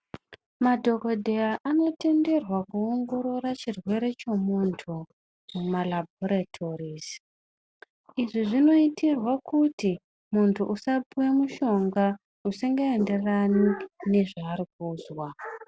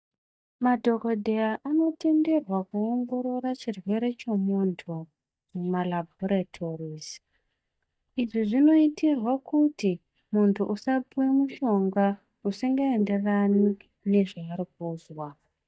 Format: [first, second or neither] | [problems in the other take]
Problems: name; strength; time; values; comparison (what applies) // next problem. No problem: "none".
first | noise reduction (neural mask model DeepFilterNet 3)